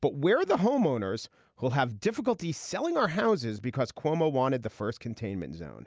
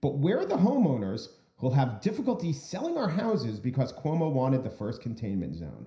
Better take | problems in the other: first | room echo; dies away in 0.5 s

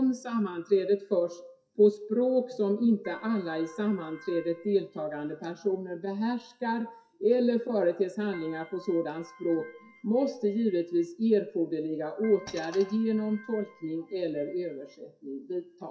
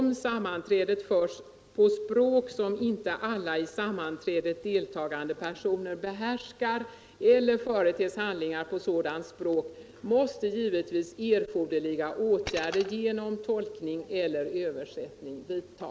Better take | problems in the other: second | noise reduction (classical method WPE with log-MMSE)

